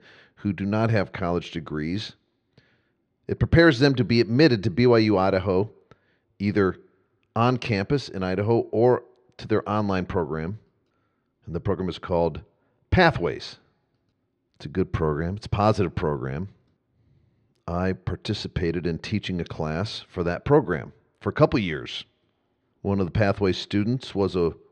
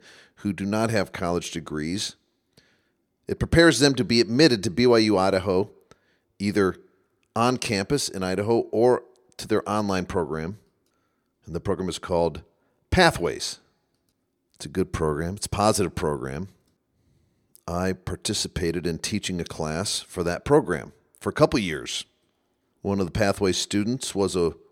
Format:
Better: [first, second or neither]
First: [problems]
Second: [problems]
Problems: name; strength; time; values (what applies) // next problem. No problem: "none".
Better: second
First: muffled; very slightly; fading above 3.5 kHz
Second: none